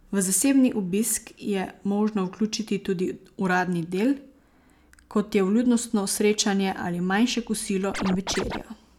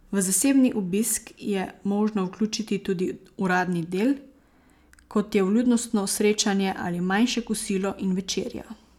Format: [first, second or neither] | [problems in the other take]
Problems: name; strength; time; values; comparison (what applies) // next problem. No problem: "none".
second | background sound (Scratching (performance technique)); 7 dB below the speech